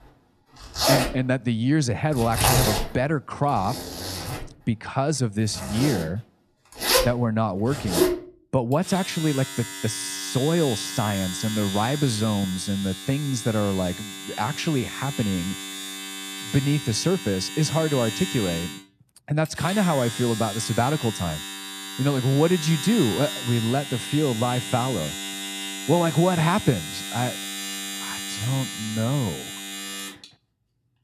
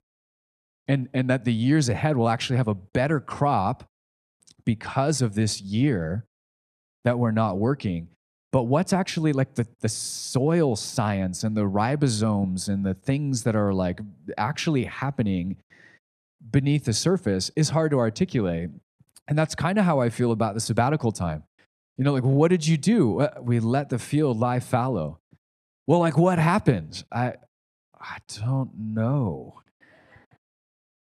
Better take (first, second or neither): second